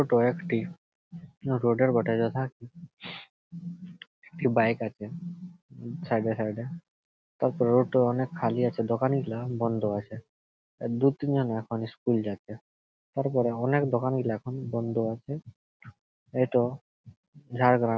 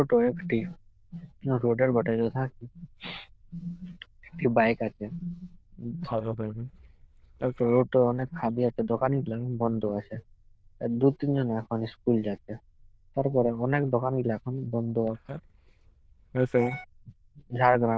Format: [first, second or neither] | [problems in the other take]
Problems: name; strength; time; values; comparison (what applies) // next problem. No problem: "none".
first | noise reduction (neural diffusion model UNIVERSE++)